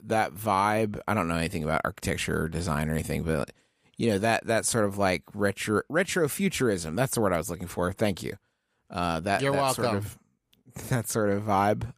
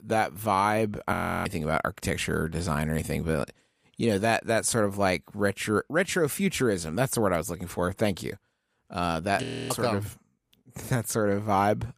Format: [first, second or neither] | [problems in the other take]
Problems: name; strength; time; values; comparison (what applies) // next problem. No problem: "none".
first | audio freezing; at 1 s and at 9.5 s